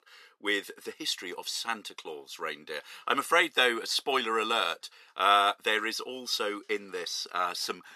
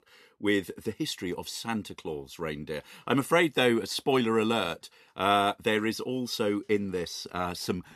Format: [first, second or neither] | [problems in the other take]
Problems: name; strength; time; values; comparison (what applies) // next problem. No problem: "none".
second | thin; very; fading below 500 Hz